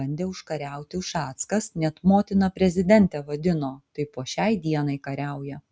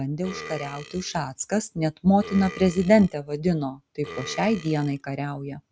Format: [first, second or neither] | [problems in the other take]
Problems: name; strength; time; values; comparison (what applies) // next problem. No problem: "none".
first | background sound (Burping, eructation); 17 dB below the speech